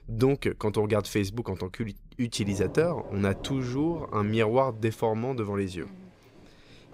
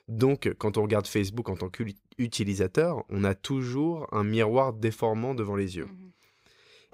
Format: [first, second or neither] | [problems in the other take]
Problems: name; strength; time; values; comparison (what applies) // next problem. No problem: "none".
second | rain or running water; noticeable; throughout; 15 dB below the speech